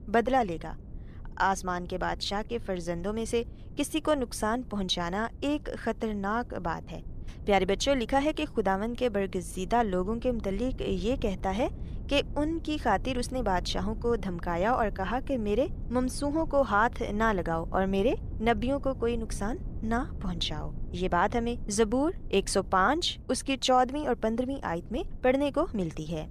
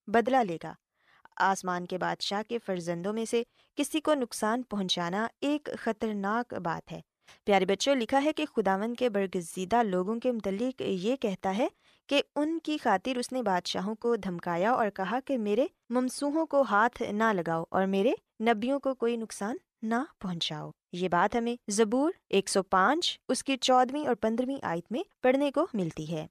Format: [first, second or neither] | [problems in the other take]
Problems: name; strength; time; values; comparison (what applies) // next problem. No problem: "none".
second | low rumble; faint; throughout; 25 dB below the speech